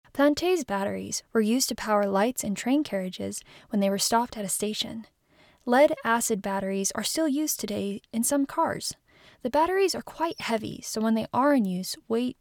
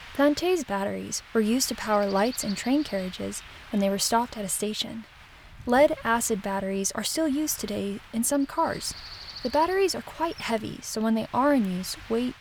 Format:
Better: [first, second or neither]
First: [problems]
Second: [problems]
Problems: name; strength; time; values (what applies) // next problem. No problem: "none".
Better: first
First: none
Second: wind noise on the microphone; occasional gusts; 15 dB below the speech